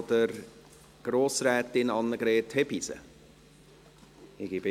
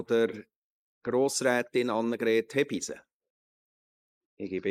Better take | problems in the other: first | noise reduction (neural mask model Resemble Enhance denoiser)

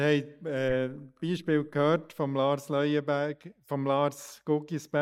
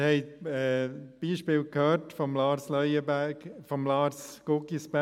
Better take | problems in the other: second | noise reduction (neural mask model DeepFilterNet 3)

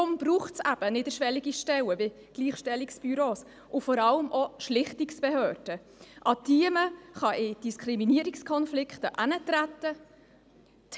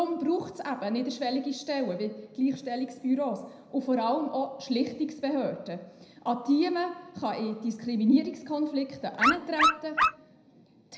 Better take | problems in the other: first | background sound (Dog); 3 dB above the speech // room echo; dies away in 0.8 s

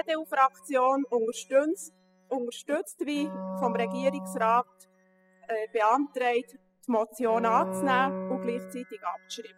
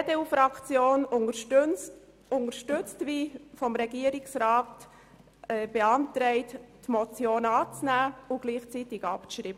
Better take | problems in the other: second | noise reduction (classical method spectral subtraction)

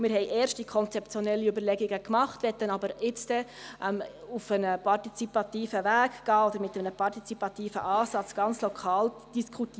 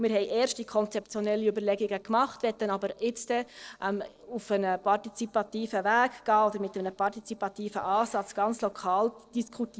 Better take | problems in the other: first | noise reduction (neural separator model SepFormer DNS4)

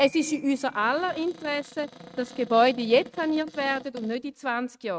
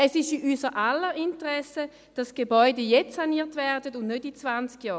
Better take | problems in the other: second | noise reduction (neural mask model RNNoise)

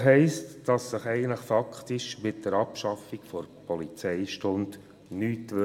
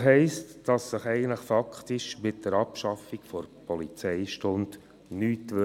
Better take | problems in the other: second | room echo; dies away in 1.6 s

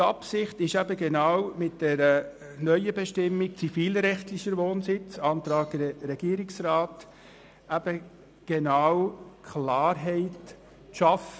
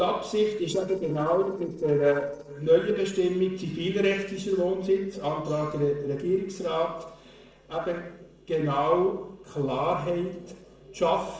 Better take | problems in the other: first | noise reduction (neural separator model SepFormer DNS4)

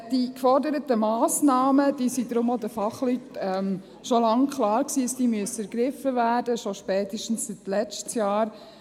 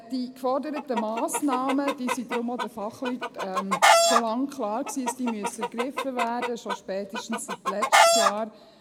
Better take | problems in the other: first | background sound (Chicken, rooster); 4 dB above the speech

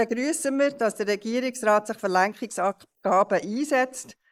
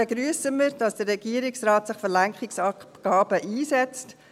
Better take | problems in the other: second | noise reduction (neural mask model Resemble Enhance denoiser)

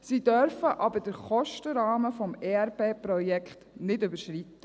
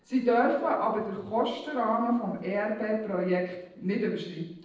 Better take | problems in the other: first | noise reduction (neural separator model SepFormer DNS4)

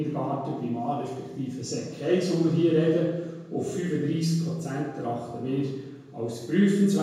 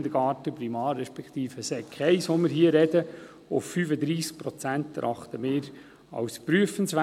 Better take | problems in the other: second | room echo; dies away in 0.9 s

